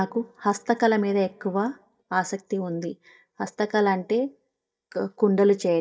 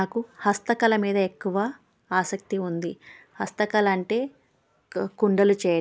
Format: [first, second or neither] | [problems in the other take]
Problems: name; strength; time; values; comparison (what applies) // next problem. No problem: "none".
second | noise reduction (neural mask model DeepFilterNet 3)